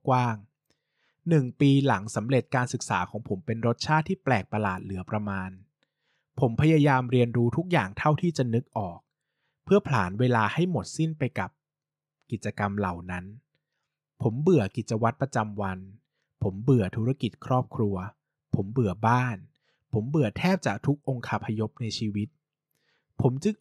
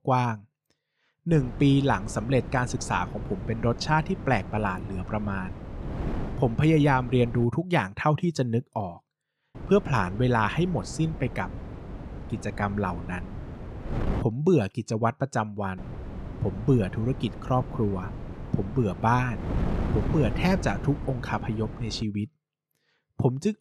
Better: first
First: none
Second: wind noise on the microphone; occasional gusts; from 1.5 to 7.5 s, from 9.5 to 14 s and from 16 to 22 s; 15 dB below the speech

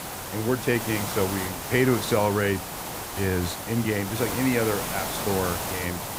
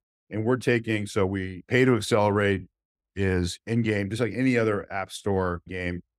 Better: second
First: hiss; loud; throughout; 4 dB below the speech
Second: none

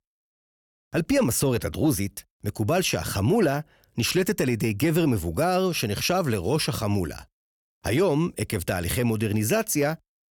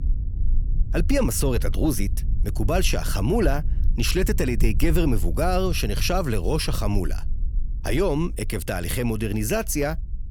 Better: first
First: none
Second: low rumble; faint; throughout; 20 dB below the speech

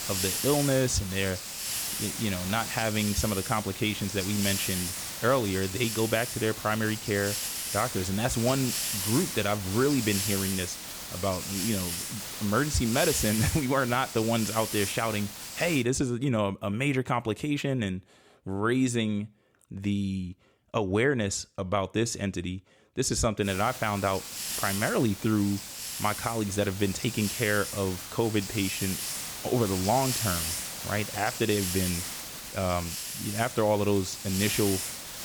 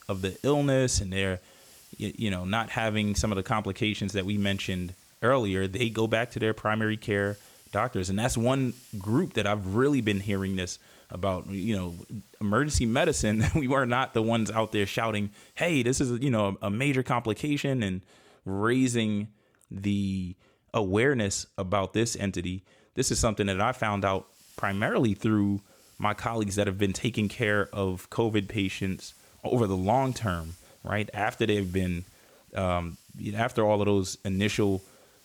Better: second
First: hiss; loud; until 16 s and from 23 s on; 4 dB below the speech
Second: hiss; faint; until 16 s and from 23 s on; 25 dB below the speech

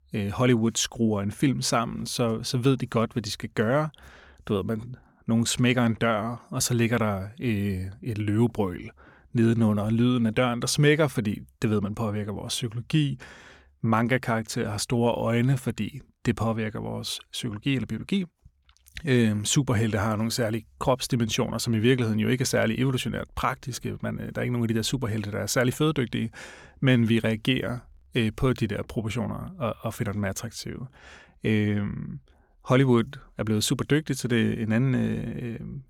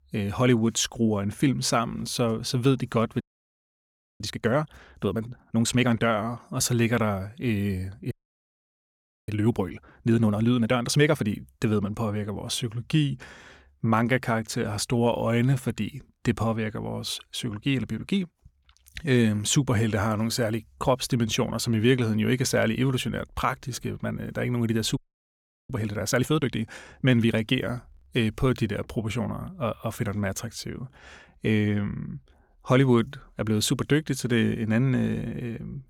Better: first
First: none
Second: audio freezing; at 3 s for 1 s, at 8 s for 1 s and at 25 s for 0.5 s

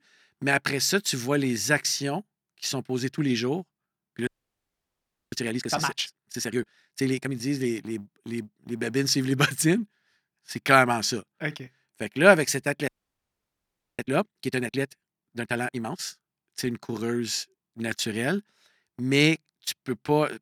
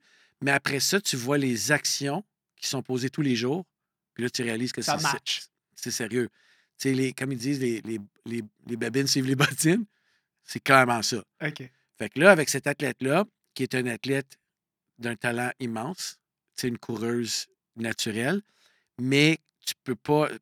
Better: second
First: audio freezing; at 4.5 s for 1 s and at 13 s for 1 s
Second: none

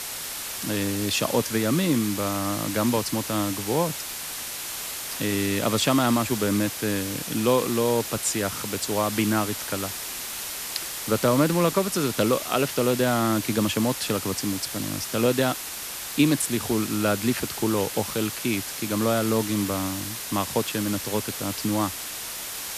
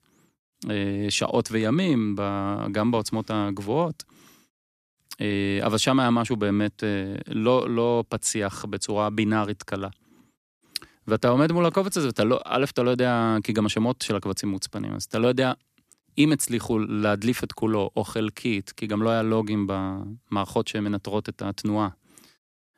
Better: second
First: hiss; loud; throughout; 6 dB below the speech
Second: none

